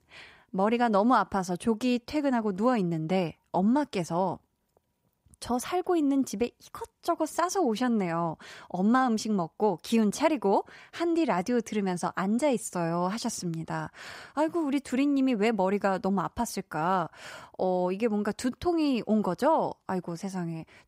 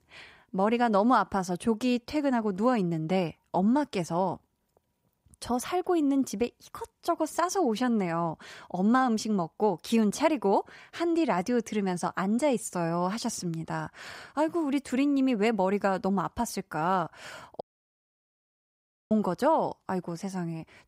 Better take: first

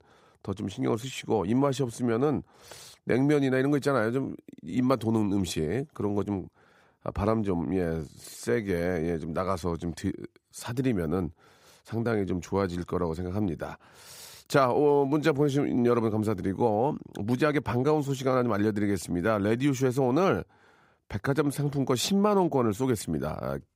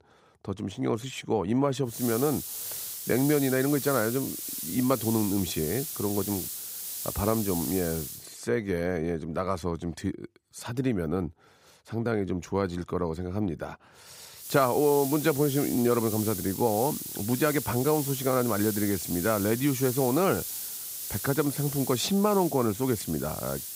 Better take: first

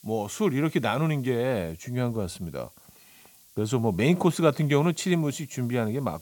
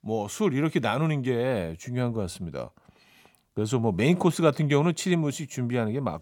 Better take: second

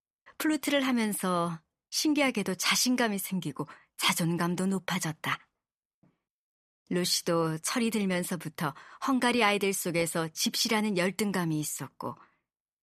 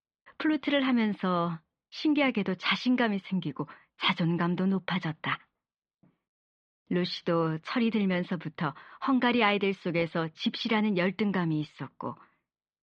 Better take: first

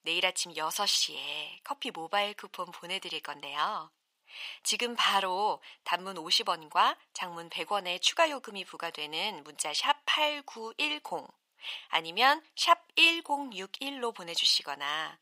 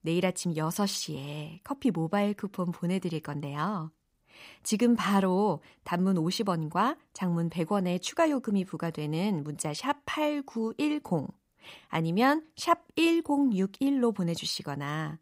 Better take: second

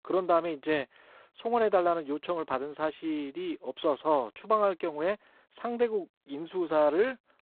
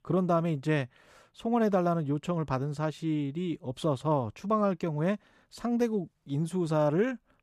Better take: second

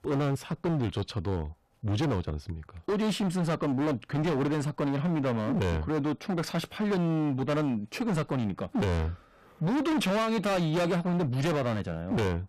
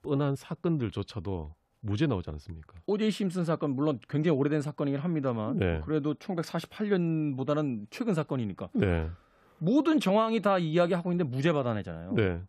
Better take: second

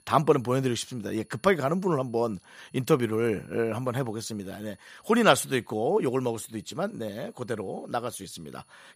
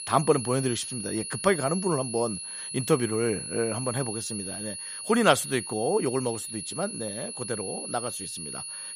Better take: first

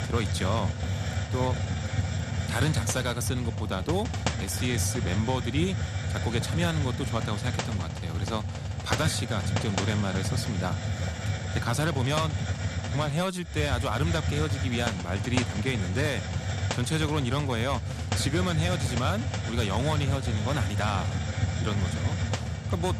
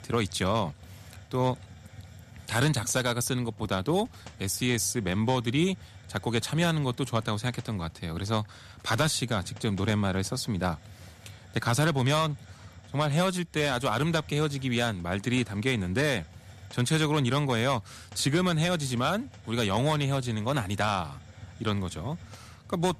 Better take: second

